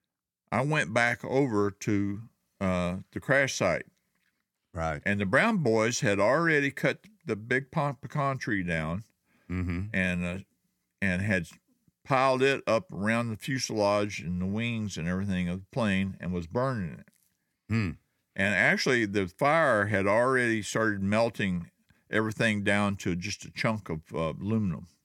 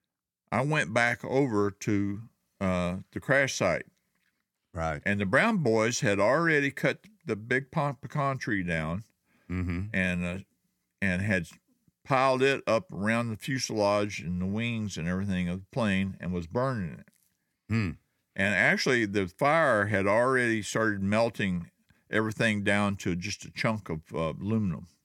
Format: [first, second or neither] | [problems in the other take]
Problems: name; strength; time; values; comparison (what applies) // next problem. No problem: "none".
neither | none